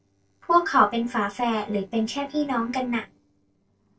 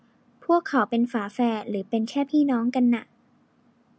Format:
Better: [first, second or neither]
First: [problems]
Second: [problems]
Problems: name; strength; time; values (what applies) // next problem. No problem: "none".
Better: second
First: noise reduction (neural separator model SepFormer DNS4)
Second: none